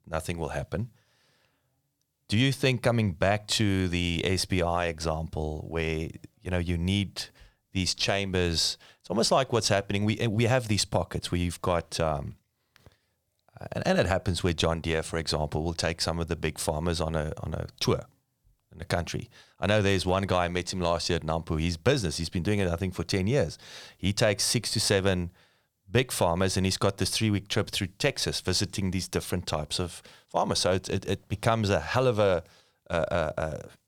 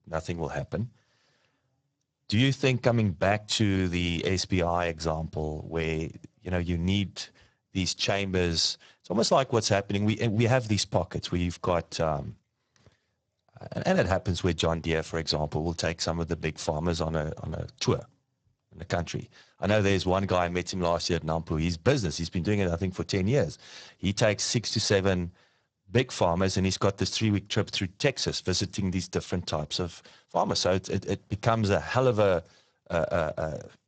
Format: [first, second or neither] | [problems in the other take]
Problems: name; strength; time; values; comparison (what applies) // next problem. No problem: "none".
first | garbled, watery; badly; nothing above 7.5 kHz